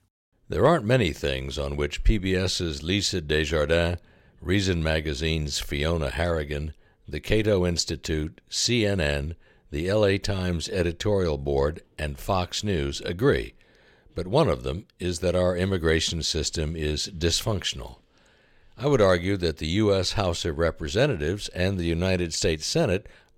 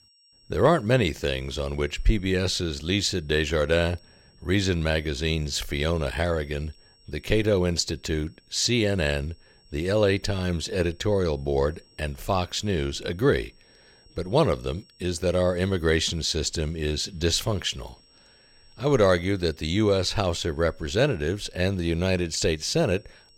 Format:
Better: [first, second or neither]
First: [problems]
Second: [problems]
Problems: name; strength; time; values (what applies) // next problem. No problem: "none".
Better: first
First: none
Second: high-pitched whine; faint; throughout; 5.5 kHz, 30 dB below the speech